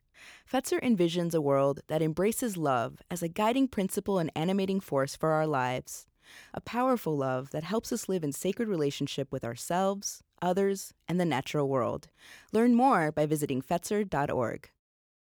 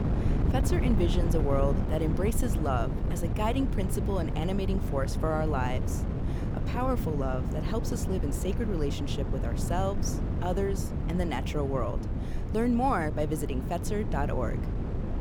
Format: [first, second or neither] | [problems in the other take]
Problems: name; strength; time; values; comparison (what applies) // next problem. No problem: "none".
first | wind noise on the microphone; heavy; 7 dB below the speech